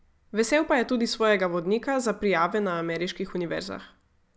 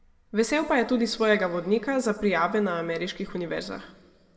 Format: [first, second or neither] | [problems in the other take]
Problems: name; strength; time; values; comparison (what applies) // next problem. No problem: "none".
first | room echo; dies away in 1.1 s